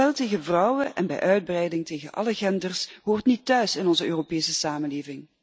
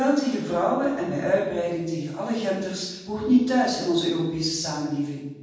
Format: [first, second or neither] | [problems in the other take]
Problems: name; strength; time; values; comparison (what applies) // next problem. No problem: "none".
first | room echo; dies away in 1.2 s